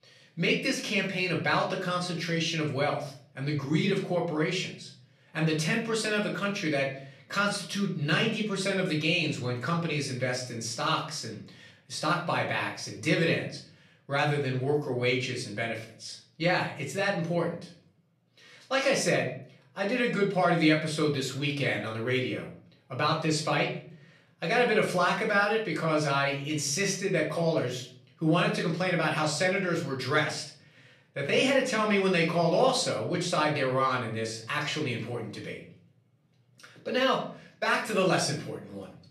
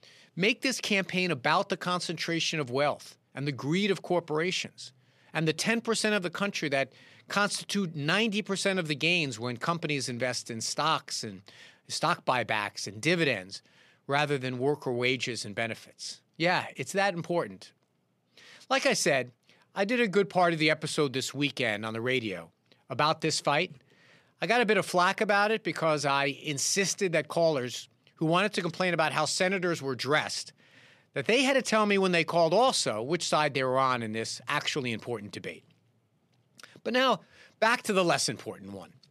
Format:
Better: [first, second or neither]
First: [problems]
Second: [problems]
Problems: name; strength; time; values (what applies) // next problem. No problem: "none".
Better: second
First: off-mic speech; far // room echo; slight; dies away in 0.5 s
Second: none